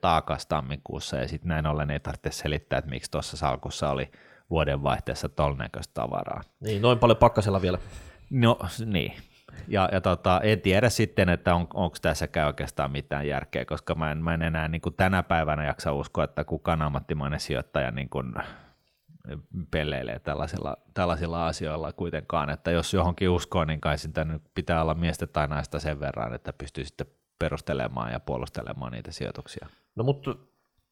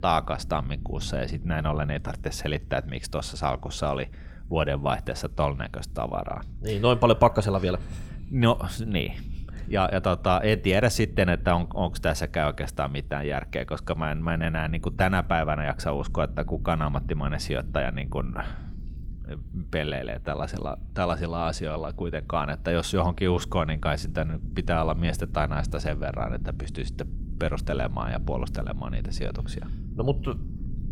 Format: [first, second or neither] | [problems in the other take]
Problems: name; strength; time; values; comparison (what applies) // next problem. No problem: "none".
first | low rumble; faint; throughout; 25 dB below the speech